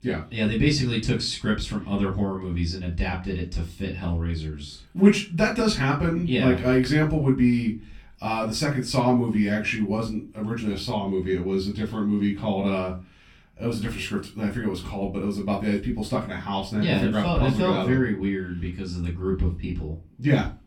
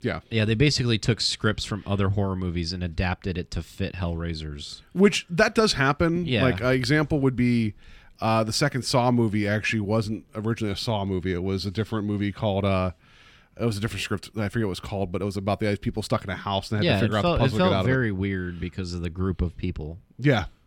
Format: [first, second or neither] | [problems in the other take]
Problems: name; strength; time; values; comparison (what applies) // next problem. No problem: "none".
second | off-mic speech; far // room echo; very slight; dies away in 0.2 s